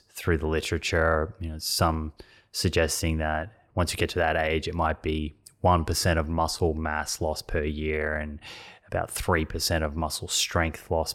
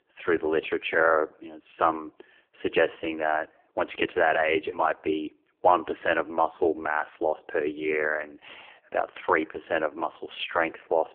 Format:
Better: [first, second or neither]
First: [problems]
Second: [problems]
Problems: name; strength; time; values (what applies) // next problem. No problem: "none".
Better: first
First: none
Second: phone-call audio; poor line; nothing above 3.5 kHz